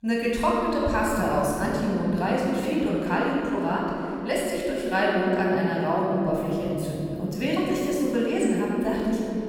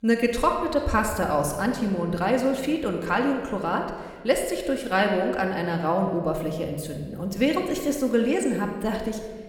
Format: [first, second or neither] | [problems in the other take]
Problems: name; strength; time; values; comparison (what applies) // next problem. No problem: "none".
second | room echo; strong; dies away in 3 s; slight in the second // off-mic speech; far